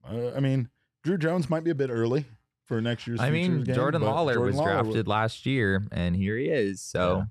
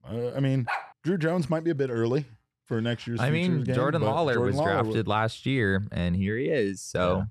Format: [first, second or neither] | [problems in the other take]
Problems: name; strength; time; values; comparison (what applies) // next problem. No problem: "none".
first | dog barking; noticeable; at 0.5 s; peak 6 dB below the speech